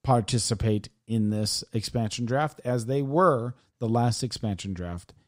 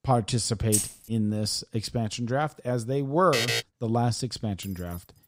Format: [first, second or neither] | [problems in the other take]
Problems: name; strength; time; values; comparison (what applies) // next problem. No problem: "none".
first | jangling keys; loud; at 0.5 s; peak 1 dB above the speech // alarm; loud; at 3.5 s; peak 2 dB above the speech // jangling keys; faint; at 4.5 s; peak 20 dB below the speech